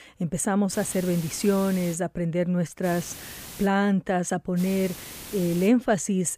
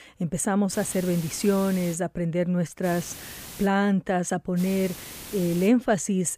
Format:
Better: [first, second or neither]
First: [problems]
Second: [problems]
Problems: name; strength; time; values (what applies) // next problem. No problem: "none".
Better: neither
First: hiss; noticeable; from 0.5 to 2 s, at 3 s and from 4.5 to 5.5 s; 15 dB below the speech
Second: hiss; noticeable; from 0.5 to 2 s, at 3 s and from 4.5 to 5.5 s; 15 dB below the speech